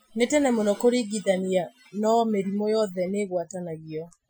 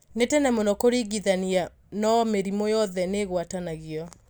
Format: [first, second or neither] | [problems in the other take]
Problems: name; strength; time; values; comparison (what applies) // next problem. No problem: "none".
second | noise reduction (classical method Wiener filter)